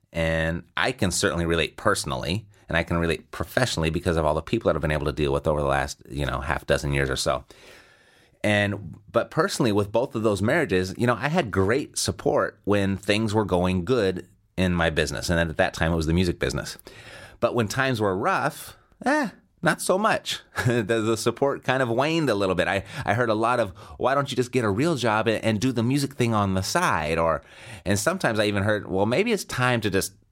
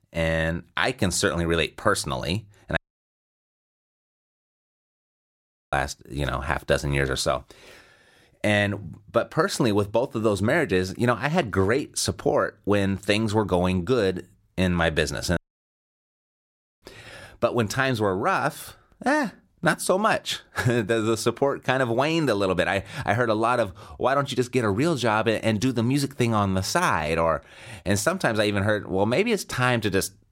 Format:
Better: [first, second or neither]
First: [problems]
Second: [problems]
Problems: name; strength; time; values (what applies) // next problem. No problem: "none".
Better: first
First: none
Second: audio cutting out; at 3 s for 3 s and at 15 s for 1.5 s